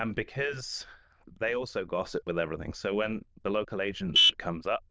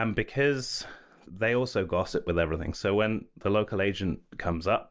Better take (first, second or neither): second